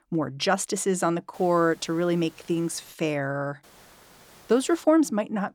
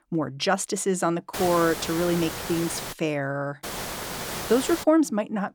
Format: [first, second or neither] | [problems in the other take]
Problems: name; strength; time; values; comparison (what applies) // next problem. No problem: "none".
first | hiss; loud; from 1.5 to 3 s and from 3.5 to 5 s; 7 dB below the speech; faint in the first